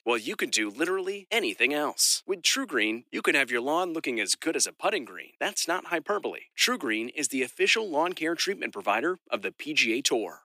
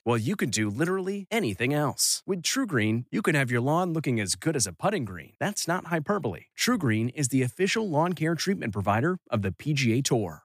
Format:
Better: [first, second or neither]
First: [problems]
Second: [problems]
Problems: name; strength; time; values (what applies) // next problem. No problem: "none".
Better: second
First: thin; somewhat; fading below 300 Hz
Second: none